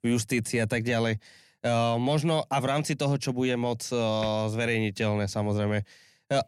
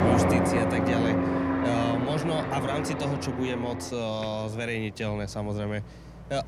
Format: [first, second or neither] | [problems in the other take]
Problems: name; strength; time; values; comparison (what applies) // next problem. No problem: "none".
first | train or aircraft noise; very loud; throughout; 3 dB above the speech